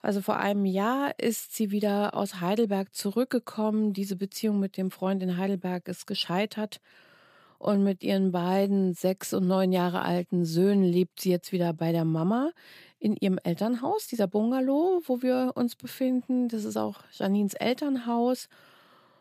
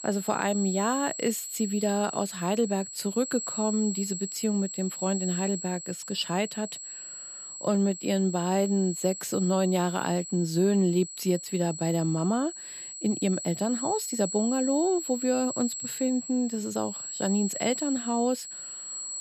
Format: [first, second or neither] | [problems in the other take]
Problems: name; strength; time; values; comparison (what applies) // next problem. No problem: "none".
first | high-pitched whine; loud; throughout; 7.5 kHz, 7 dB below the speech